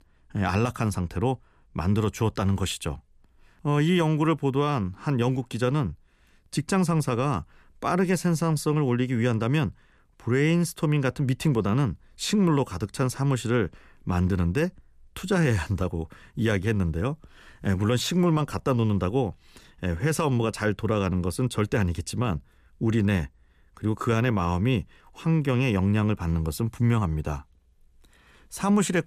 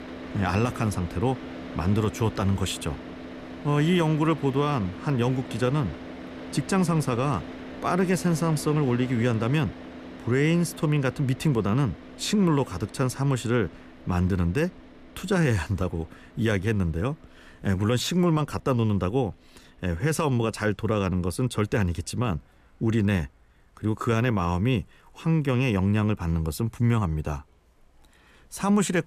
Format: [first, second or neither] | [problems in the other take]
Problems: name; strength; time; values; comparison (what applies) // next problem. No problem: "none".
first | traffic noise; noticeable; throughout; 15 dB below the speech